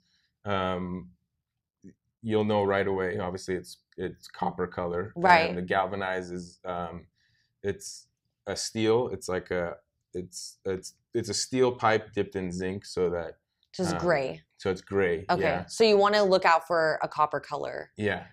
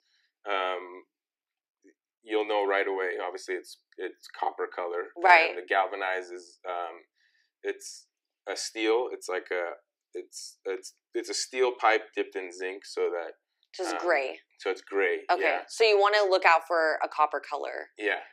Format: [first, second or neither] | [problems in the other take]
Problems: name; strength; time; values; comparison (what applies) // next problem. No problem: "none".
first | thin; very; fading below 300 Hz